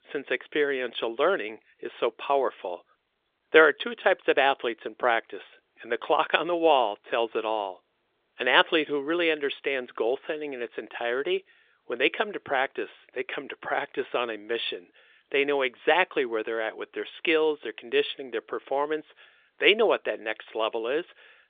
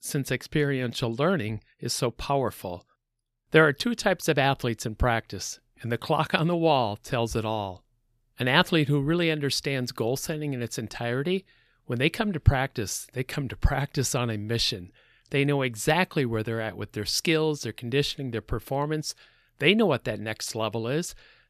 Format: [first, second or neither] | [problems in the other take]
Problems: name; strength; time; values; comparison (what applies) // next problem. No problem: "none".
second | phone-call audio